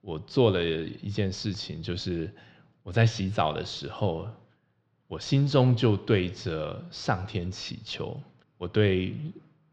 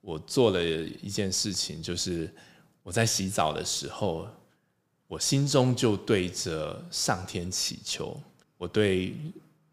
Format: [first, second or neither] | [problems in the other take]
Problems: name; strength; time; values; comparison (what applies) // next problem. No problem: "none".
second | muffled; slightly; fading above 4 kHz